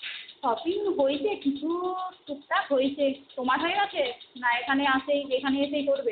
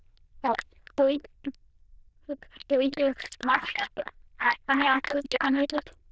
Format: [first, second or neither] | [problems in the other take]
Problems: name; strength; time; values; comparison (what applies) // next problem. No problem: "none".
first | noise reduction (neural diffusion model UNIVERSE++)